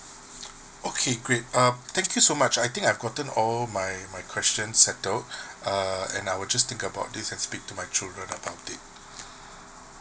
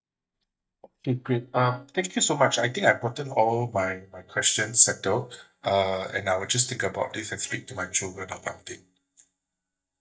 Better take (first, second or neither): first